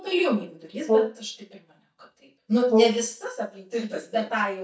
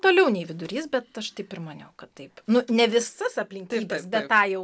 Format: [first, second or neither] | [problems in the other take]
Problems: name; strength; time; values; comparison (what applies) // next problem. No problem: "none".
second | noise reduction (neural mask model DeepFilterNet 3)